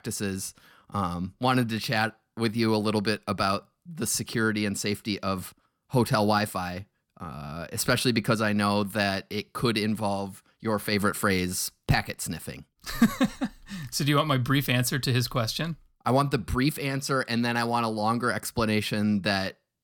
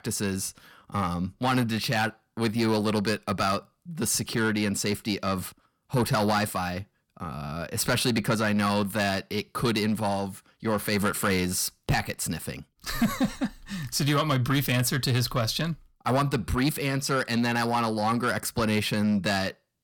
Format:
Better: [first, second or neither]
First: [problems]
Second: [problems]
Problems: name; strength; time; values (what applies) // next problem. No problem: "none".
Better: first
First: none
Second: distortion; slight; 10 dB below the speech